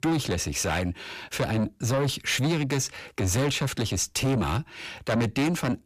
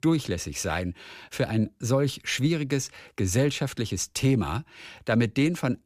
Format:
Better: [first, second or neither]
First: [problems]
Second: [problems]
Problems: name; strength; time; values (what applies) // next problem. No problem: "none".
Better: second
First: distortion; heavy; 7 dB below the speech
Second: none